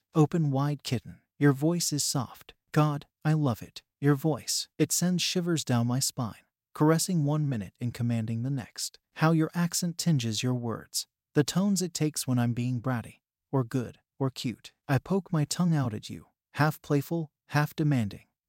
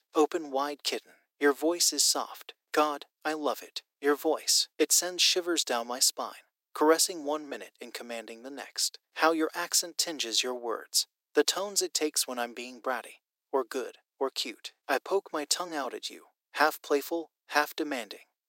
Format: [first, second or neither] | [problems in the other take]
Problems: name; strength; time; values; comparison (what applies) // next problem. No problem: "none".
first | thin; very; fading below 350 Hz